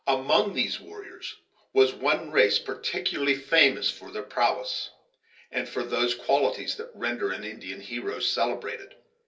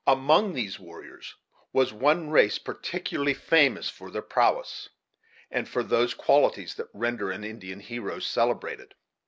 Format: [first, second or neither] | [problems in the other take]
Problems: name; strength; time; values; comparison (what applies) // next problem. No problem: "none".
second | room echo; dies away in 0.3 s